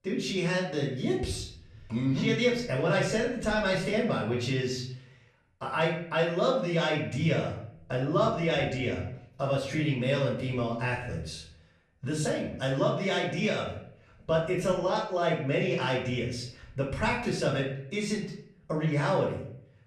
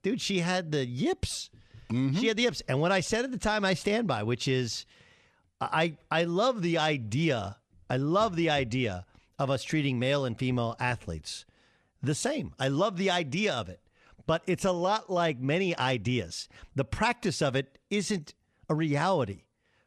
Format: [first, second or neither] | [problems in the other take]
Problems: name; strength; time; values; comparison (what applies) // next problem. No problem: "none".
second | off-mic speech; far // room echo; noticeable; dies away in 0.6 s